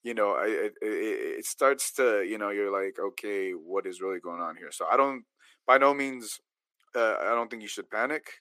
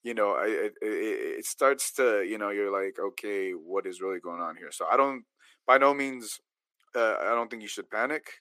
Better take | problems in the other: neither | thin; somewhat; fading below 350 Hz; the same in both

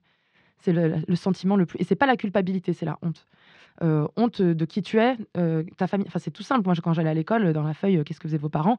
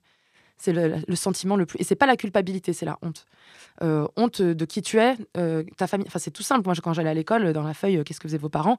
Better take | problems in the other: second | muffled; slightly; fading above 4 kHz

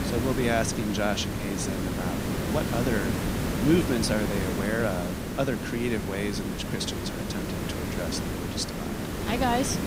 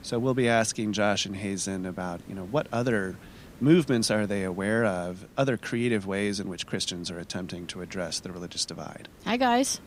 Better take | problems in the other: second | hiss; loud; throughout; 1 dB below the speech; faint in the second

